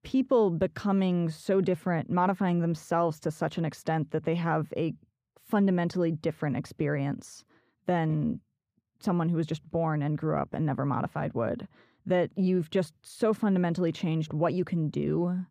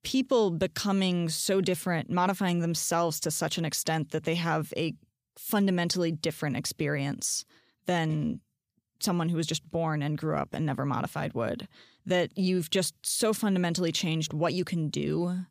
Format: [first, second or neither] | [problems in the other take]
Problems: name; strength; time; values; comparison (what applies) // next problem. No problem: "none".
second | muffled; very; fading above 2.5 kHz